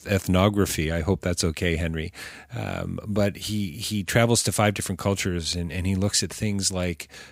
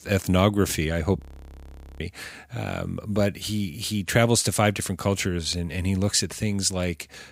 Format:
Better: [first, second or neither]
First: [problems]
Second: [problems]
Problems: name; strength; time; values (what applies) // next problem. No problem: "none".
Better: first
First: none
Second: audio freezing; at 1 s for 1 s